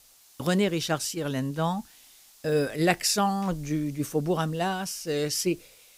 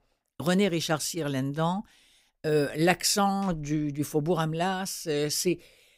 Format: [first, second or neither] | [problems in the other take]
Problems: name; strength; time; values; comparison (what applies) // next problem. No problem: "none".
second | hiss; faint; throughout; 25 dB below the speech